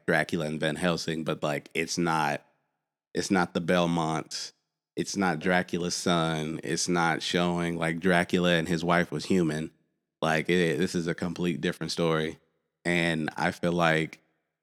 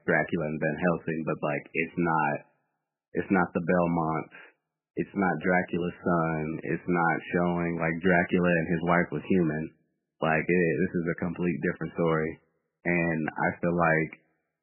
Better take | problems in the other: first | garbled, watery; badly; nothing above 2.5 kHz

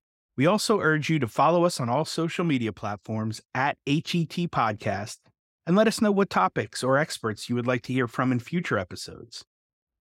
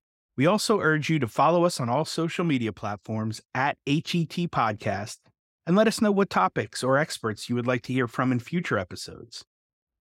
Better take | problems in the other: neither | none

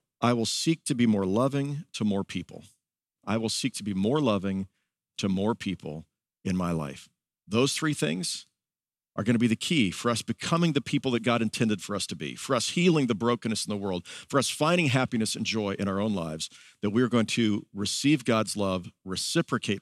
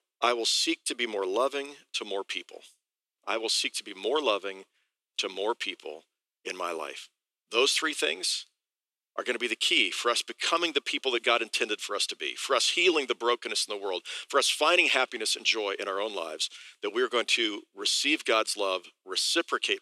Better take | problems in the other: first | thin; very; fading below 350 Hz

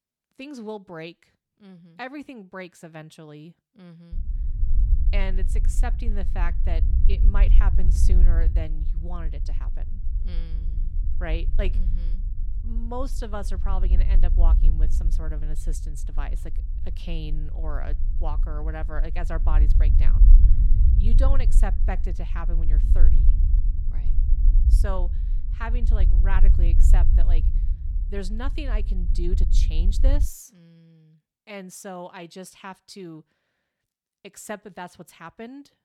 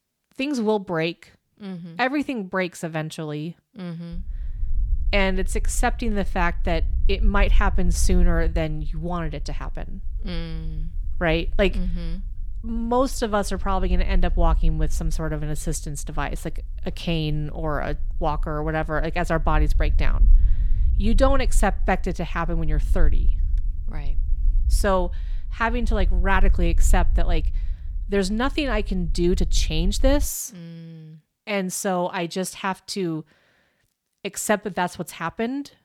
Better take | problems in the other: second | low rumble; loud; from 4 to 30 s; 9 dB below the speech; faint in the second

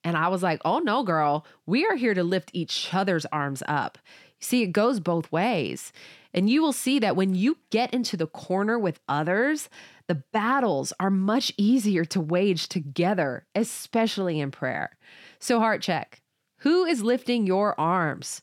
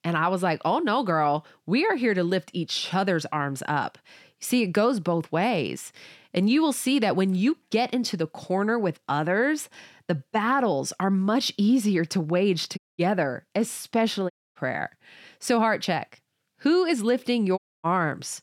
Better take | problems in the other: first | audio cutting out; at 13 s, at 14 s and at 18 s

